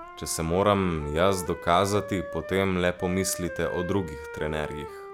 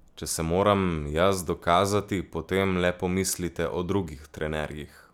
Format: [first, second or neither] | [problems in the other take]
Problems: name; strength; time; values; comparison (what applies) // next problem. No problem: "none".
second | background sound (Wind instrument, woodwind instrument); 12 dB below the speech